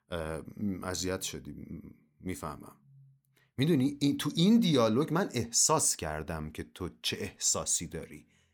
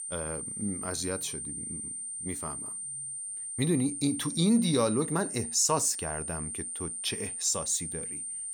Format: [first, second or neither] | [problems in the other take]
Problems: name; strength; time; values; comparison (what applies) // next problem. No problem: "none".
first | high-pitched whine; loud; throughout; 9 kHz, 5 dB below the speech